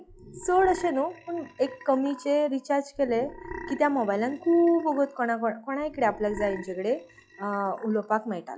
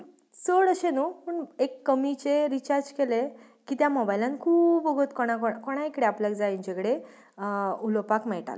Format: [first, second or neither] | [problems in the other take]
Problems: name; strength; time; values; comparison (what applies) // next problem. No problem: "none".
second | noise reduction (classical method log-MMSE)